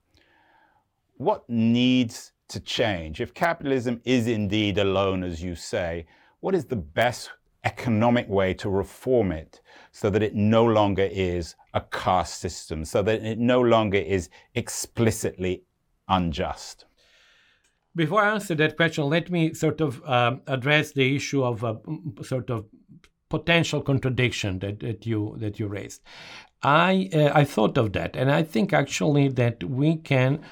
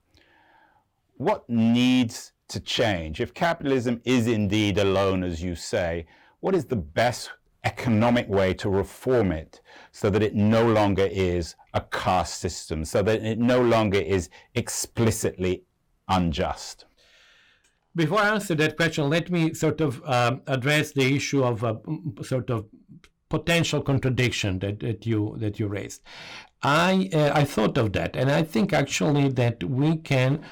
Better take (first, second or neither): first